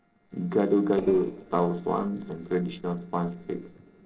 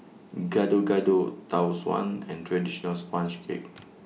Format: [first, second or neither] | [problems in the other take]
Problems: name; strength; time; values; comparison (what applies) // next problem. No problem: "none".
second | noise reduction (neural separator model SepFormer DNS4)